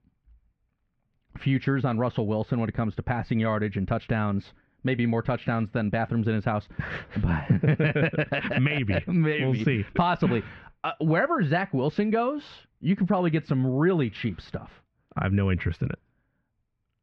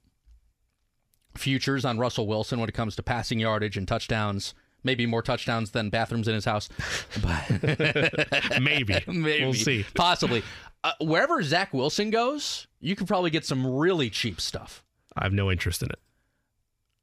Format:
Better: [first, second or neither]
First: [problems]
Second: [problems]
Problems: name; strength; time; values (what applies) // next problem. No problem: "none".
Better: second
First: muffled; very; fading above 2.5 kHz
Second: none